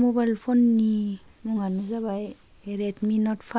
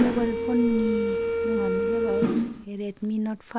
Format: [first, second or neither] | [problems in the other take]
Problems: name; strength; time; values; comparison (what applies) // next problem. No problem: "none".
first | background sound (Mechanisms); 1 dB above the speech